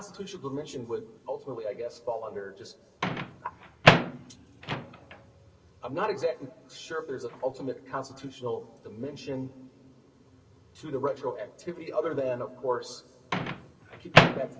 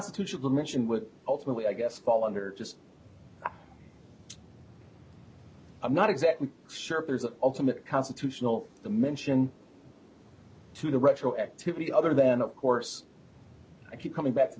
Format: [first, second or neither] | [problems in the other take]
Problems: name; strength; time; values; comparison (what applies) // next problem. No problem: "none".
second | background sound (Microwave oven); 4 dB above the speech // room echo; dies away in 2.8 s